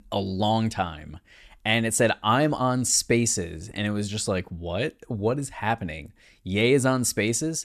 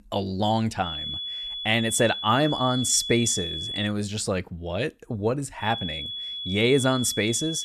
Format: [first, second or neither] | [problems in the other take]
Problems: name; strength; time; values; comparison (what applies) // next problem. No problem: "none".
first | high-pitched whine; loud; from 1 to 4 s and from 5.5 s on; 3.5 kHz, 6 dB below the speech